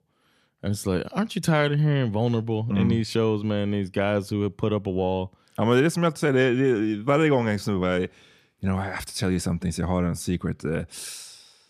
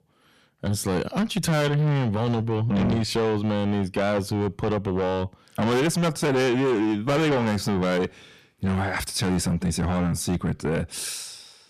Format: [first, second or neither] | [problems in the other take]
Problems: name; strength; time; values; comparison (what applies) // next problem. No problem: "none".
first | distortion; heavy; 7 dB below the speech